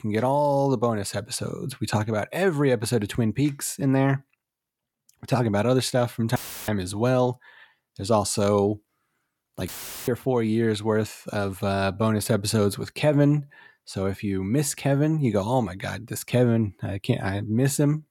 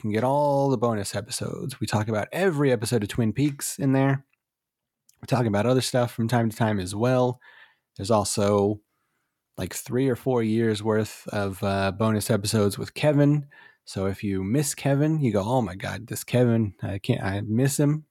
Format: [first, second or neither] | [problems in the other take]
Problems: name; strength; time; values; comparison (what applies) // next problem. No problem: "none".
second | audio cutting out; filled with static; at 6.5 s and at 9.5 s